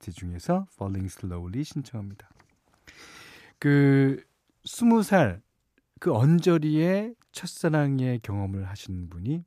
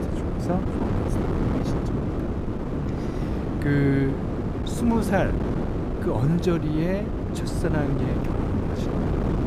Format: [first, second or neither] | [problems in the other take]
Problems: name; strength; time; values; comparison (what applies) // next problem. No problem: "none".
first | wind noise on the microphone; heavy; 2 dB below the speech